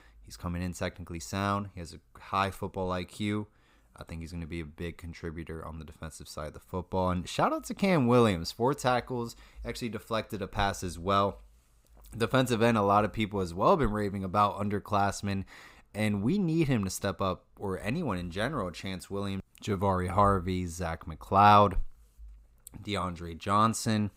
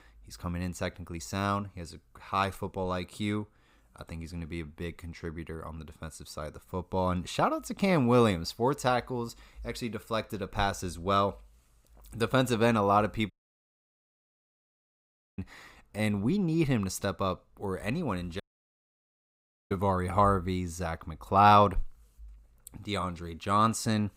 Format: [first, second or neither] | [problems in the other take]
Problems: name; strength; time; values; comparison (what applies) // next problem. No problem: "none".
first | audio cutting out; at 13 s for 2 s and at 18 s for 1.5 s